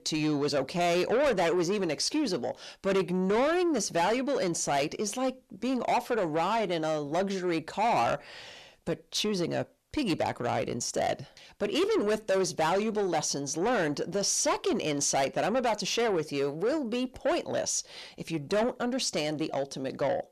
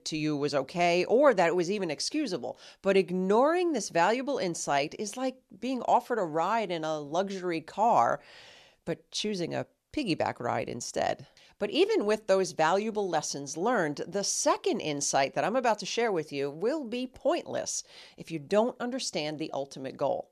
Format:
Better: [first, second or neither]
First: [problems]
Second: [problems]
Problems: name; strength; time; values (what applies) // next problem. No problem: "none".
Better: second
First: distortion; heavy; 8 dB below the speech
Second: none